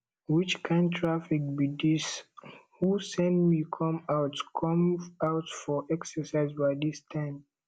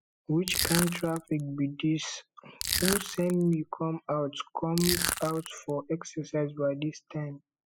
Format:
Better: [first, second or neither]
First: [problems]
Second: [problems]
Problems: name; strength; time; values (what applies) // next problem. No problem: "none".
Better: first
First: none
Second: noise reduction (classical method spectral subtraction)